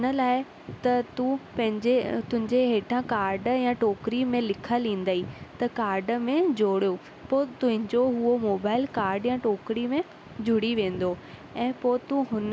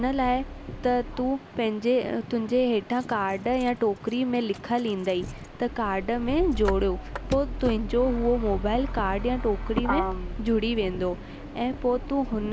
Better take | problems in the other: first | background sound (Motor vehicle (road)); 8 dB below the speech

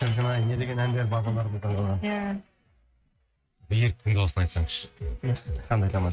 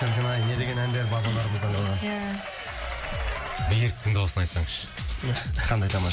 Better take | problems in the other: second | noise reduction (neural mask model RNNoise)

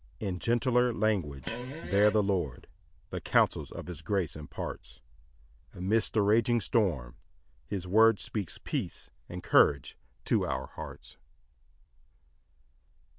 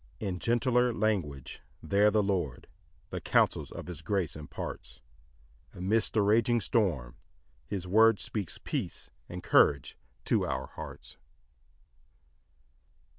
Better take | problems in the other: second | background sound (Fart); 11 dB below the speech

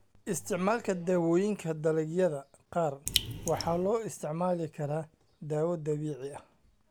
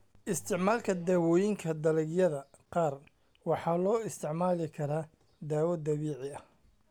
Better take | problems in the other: second | background sound (Raindrop); 4 dB below the speech

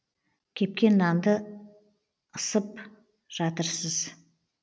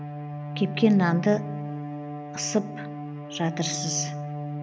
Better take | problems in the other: first | background sound (Bowed string instrument); 6 dB below the speech

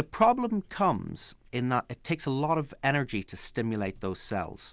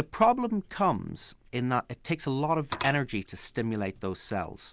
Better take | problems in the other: first | noise reduction (neural mask model Resemble Enhance denoiser)

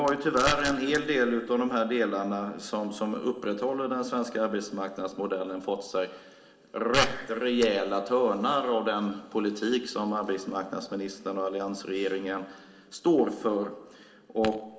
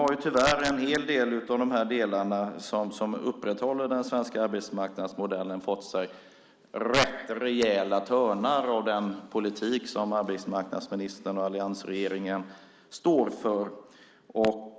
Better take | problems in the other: second | room echo; dies away in 2.2 s

